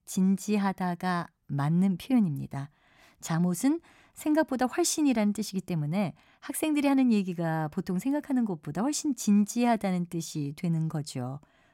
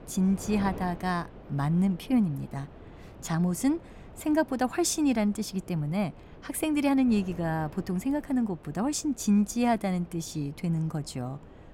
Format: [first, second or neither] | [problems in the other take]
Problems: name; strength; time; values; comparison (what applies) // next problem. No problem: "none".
first | wind noise on the microphone; occasional gusts; 20 dB below the speech